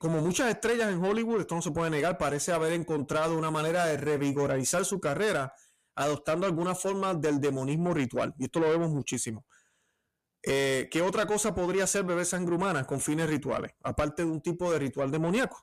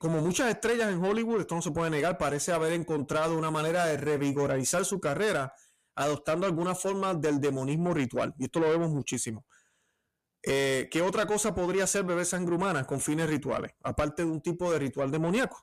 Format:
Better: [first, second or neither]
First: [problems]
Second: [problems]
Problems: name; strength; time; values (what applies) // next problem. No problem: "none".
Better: neither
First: distortion; slight; 10 dB below the speech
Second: distortion; slight; 10 dB below the speech